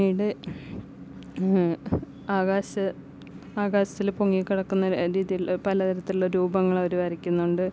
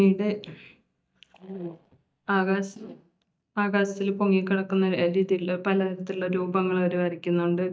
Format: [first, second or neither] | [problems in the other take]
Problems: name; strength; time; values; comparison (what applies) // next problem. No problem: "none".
first | noise reduction (neural mask model DeepFilterNet 3)